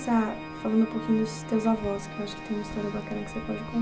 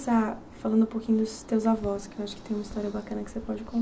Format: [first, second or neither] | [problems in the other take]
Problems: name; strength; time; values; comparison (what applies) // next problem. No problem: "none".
second | background sound (Organ); 10 dB below the speech